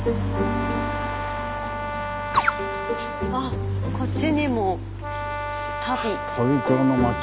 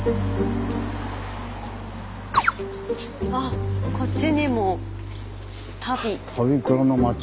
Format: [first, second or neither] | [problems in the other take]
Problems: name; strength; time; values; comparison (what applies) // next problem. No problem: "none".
second | background sound (Brass instrument); 6 dB below the speech